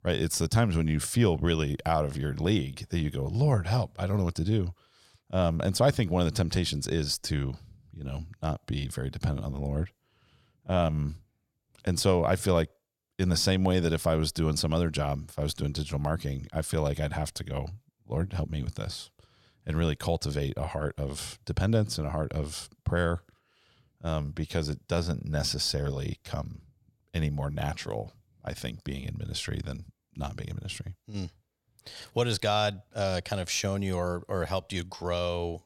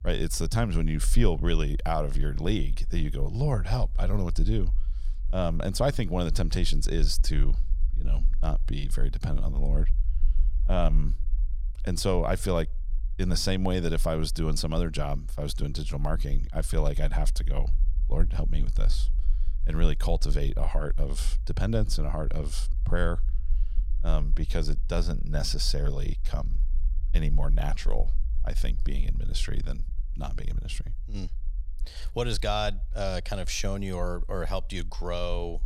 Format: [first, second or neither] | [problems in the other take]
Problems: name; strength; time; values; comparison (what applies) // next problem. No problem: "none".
first | low rumble; faint; throughout; 25 dB below the speech